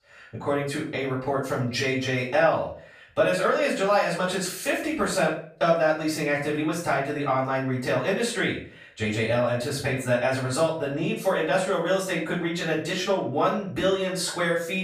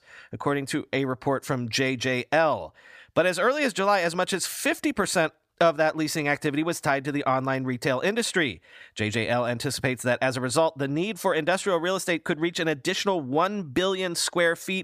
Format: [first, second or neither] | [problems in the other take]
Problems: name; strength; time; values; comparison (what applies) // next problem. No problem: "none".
second | off-mic speech; far // room echo; noticeable; dies away in 0.4 s